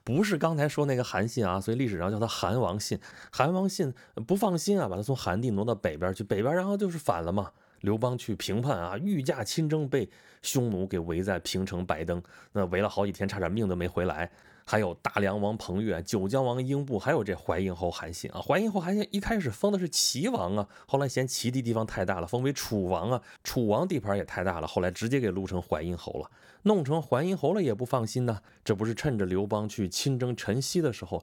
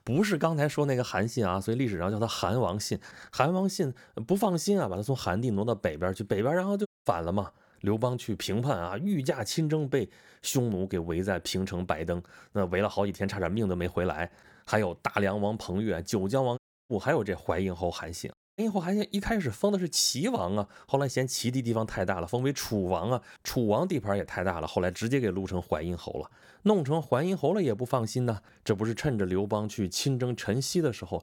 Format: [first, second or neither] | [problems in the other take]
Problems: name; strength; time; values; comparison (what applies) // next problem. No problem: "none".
first | audio cutting out; at 7 s, at 17 s and at 18 s